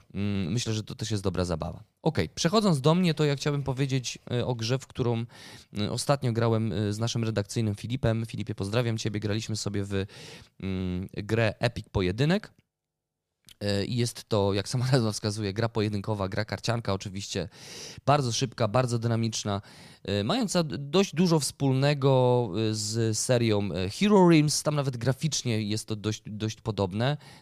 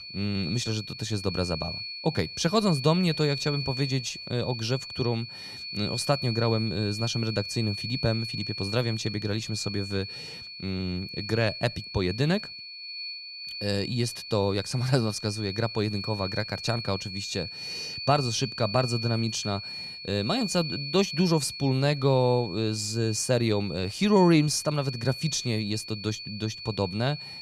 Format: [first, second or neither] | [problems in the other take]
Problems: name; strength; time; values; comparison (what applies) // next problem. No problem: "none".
first | high-pitched whine; loud; throughout; 4.5 kHz, 7 dB below the speech